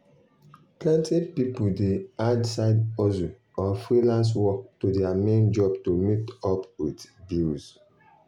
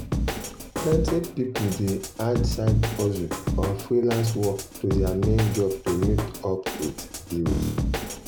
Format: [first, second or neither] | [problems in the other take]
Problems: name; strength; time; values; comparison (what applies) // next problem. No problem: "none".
first | background sound (Drum kit); 3 dB below the speech